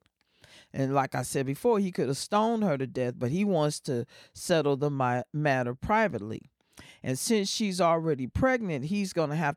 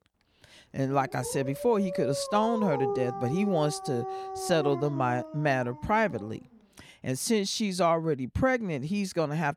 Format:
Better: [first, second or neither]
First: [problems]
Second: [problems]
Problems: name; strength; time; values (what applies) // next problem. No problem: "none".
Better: first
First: none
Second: dog barking; noticeable; from 1 to 6 s; peak 3 dB below the speech